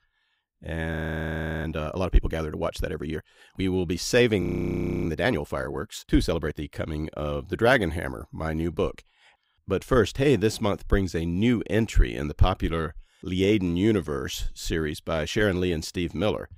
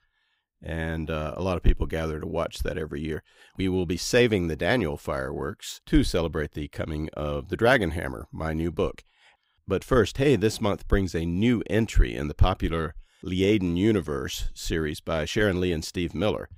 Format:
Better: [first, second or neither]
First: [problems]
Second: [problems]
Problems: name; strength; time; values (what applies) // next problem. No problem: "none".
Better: second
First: audio freezing; at 1 s for 0.5 s and at 4.5 s for 0.5 s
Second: none